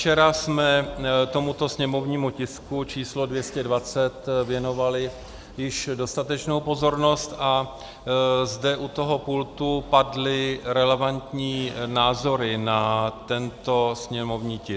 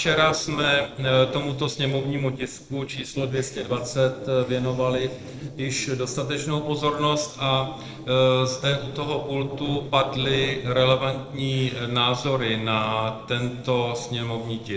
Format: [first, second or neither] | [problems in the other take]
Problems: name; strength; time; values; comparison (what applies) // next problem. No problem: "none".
first | noise reduction (neural separator model SepFormer DNS4)